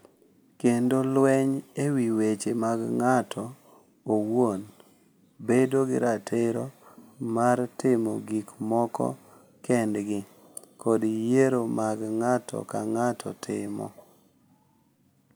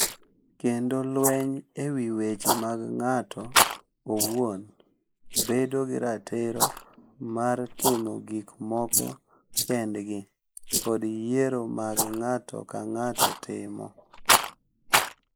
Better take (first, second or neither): first